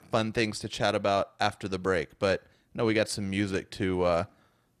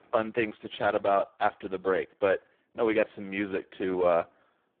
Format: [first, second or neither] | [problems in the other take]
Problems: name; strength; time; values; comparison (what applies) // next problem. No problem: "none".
first | phone-call audio; poor line